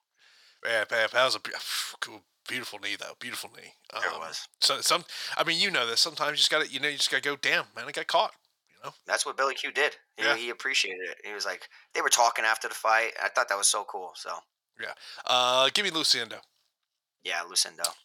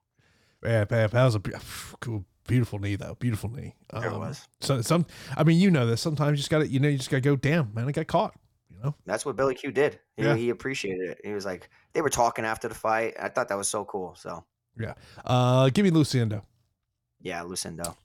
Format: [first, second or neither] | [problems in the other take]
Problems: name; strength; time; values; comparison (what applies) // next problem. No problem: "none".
second | thin; very; fading below 850 Hz